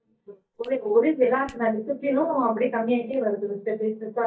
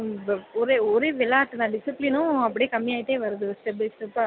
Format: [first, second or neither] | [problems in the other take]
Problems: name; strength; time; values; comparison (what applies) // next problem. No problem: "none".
second | noise reduction (neural mask model DeepFilterNet 3)